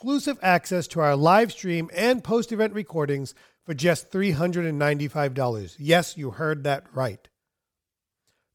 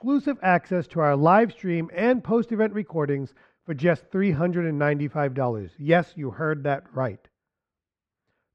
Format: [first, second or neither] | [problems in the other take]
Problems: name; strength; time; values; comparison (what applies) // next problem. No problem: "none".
first | muffled; very; fading above 1.5 kHz